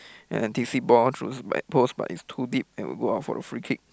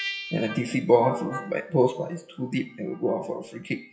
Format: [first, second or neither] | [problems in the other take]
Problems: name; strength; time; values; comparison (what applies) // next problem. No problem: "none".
first | noise reduction (classical method WPE with log-MMSE)